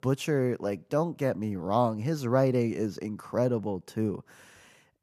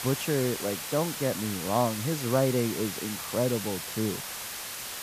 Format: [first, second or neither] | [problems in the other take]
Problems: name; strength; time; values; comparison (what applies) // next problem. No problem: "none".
first | hiss; loud; throughout; 5 dB below the speech